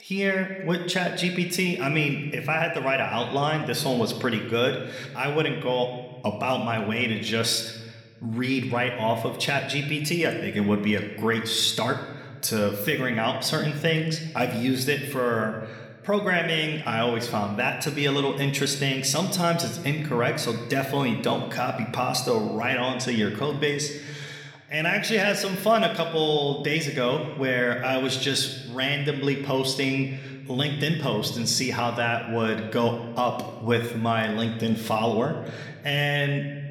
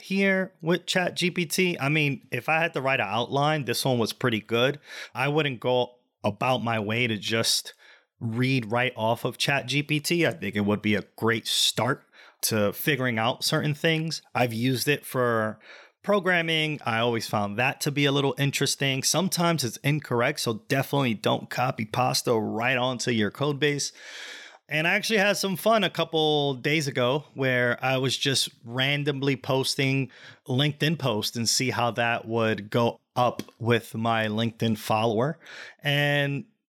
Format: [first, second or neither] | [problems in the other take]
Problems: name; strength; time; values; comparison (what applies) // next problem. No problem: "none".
second | room echo; slight; dies away in 1.1 s